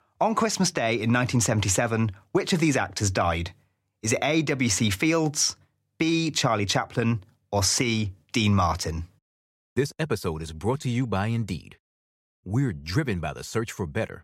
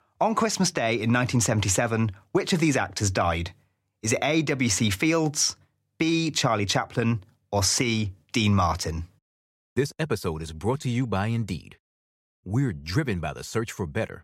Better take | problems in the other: neither | none

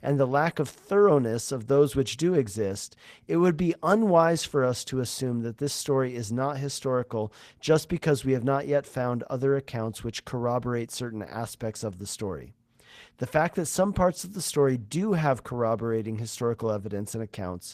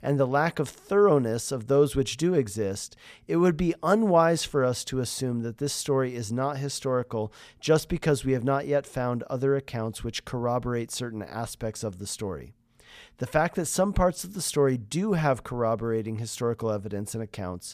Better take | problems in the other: second | garbled, watery; slightly; nothing above 14.5 kHz

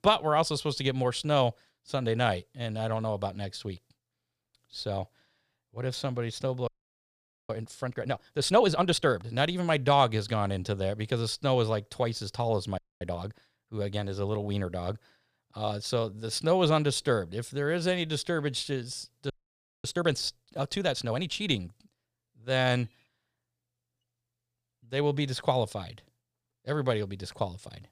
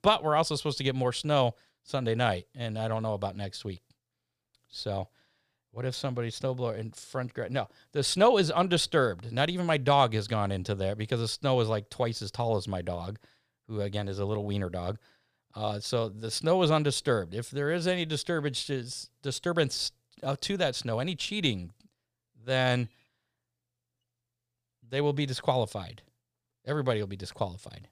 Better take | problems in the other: second | audio freezing; at 6.5 s for 1 s, at 13 s and at 19 s for 0.5 s

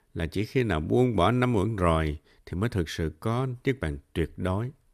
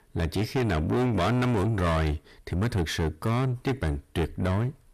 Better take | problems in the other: first | distortion; heavy; 6 dB below the speech

